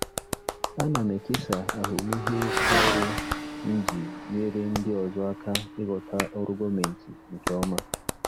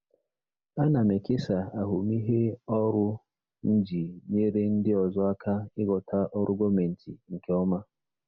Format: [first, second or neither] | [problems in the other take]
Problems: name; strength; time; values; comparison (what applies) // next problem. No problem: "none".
second | background sound (Motorcycle / Accelerating, revving, vroom + Clapping); 1 dB below the speech